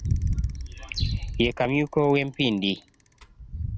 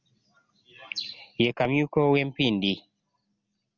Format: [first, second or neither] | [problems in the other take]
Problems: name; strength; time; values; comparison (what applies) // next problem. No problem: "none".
second | background sound (Bicycle); 3 dB below the speech